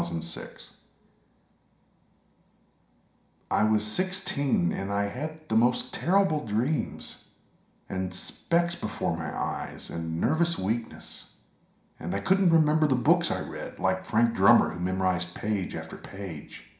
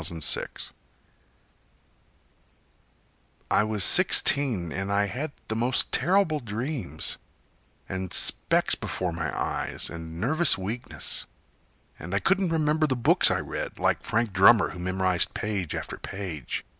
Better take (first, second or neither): second